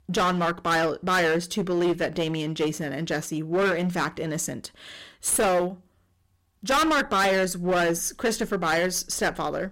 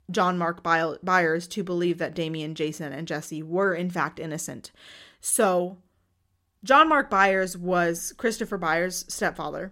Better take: second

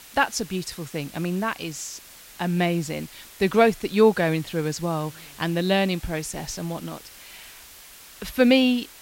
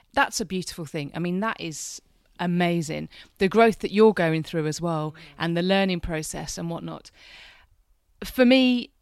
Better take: second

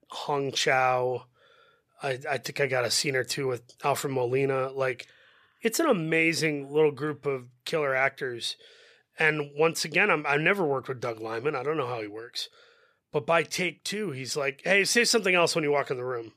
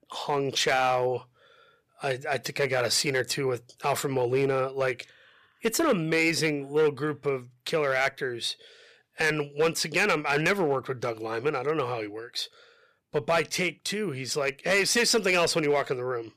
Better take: first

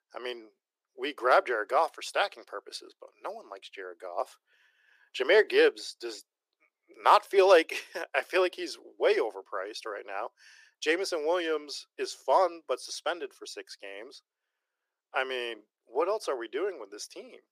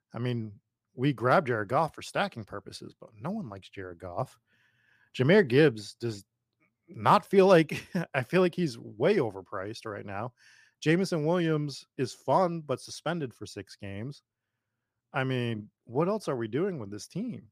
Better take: second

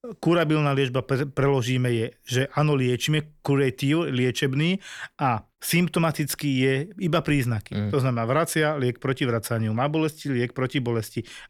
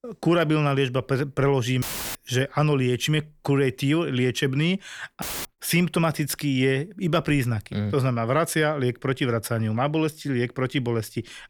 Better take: first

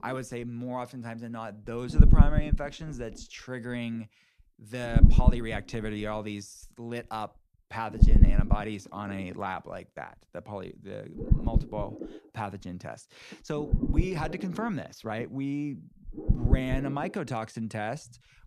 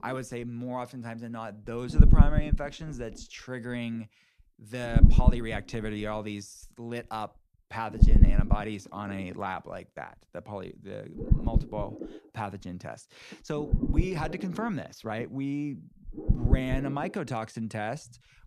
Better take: neither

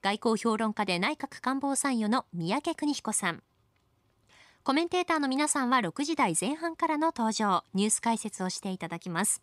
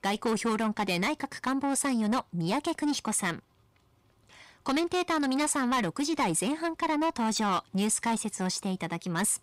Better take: first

